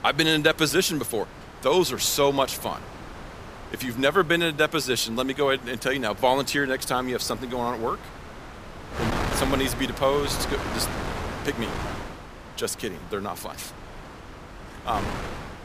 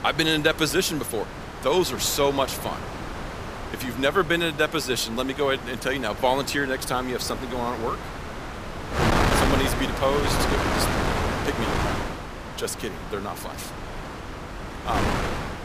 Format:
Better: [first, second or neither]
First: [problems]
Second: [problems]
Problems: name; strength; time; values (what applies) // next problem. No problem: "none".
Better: first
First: wind noise on the microphone; occasional gusts; 10 dB below the speech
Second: wind noise on the microphone; heavy; 4 dB below the speech